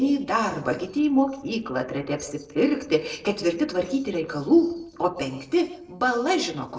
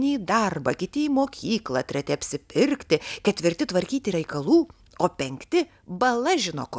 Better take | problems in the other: second | noise reduction (neural separator model SepFormer DNS4)

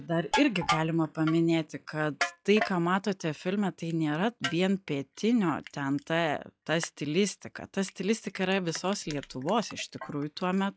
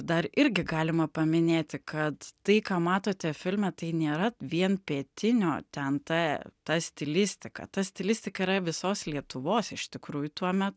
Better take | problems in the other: second | noise reduction (classical method log-MMSE)

